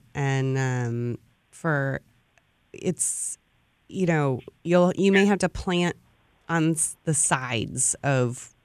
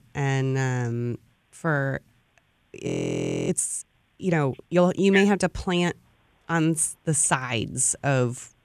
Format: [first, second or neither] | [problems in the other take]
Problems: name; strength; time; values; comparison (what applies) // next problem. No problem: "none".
first | audio freezing; at 3 s for 0.5 s